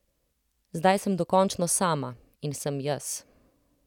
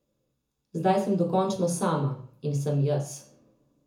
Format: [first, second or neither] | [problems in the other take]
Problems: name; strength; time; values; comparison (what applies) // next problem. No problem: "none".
first | room echo; dies away in 0.6 s